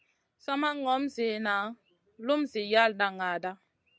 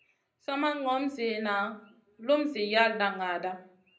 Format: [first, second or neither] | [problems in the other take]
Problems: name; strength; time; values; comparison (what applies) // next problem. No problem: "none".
first | room echo; dies away in 0.5 s